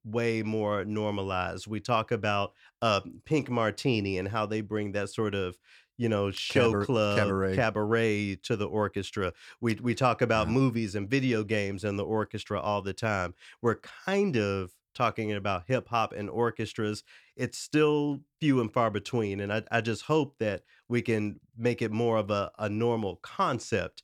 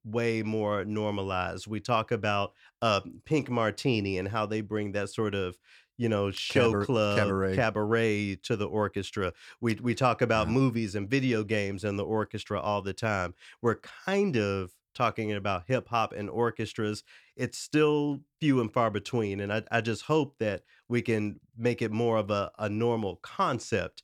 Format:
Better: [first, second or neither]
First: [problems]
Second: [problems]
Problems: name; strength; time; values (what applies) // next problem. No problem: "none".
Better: neither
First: none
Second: none